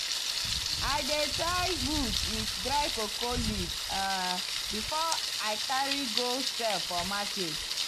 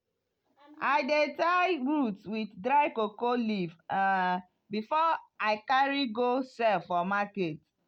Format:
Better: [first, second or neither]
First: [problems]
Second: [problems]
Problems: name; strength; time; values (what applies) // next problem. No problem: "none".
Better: second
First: background sound (Thunder); 2 dB above the speech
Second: none